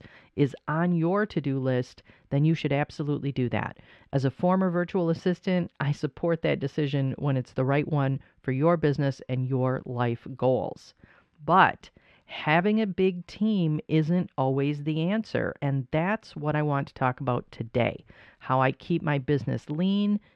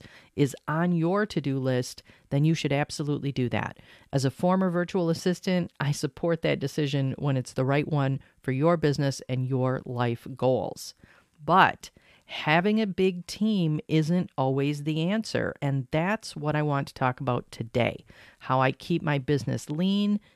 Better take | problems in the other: second | muffled; slightly; fading above 3 kHz

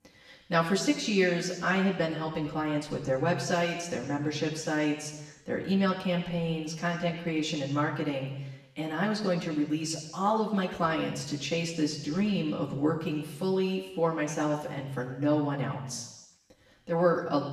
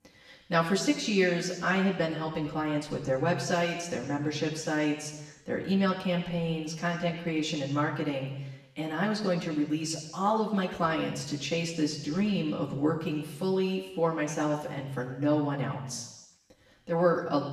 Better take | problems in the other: neither | room echo; noticeable; dies away in 1 s; the same in both // off-mic speech; far; the same in both

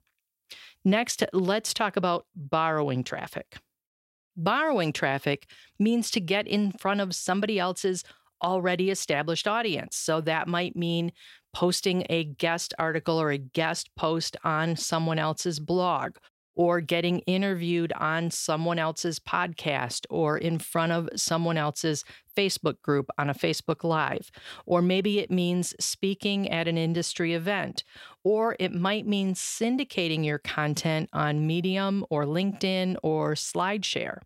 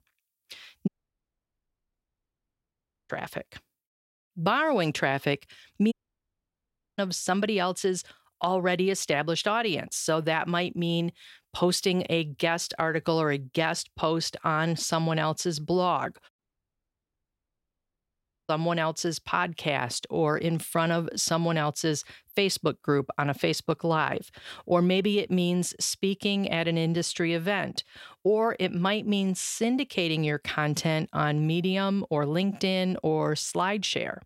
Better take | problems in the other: first | audio cutting out; at 1 s for 2 s, at 6 s for 1 s and at 16 s for 2 s

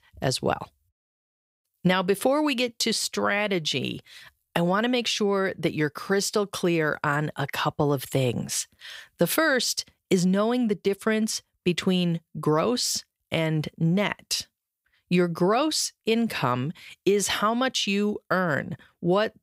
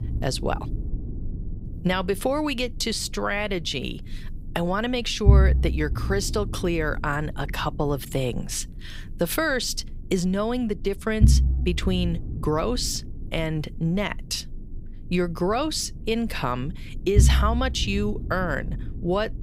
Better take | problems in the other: first | low rumble; noticeable; throughout; 15 dB below the speech

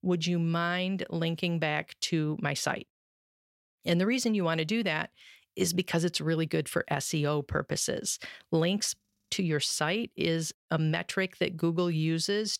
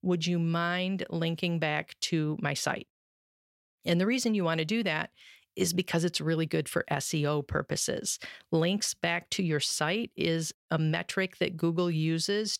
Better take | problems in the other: second | audio freezing; at 9 s

